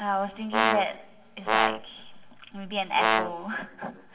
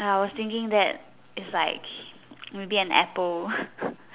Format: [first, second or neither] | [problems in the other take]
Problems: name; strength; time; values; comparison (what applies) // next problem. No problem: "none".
second | background sound (Brass instrument); 4 dB above the speech // room echo; dies away in 2.4 s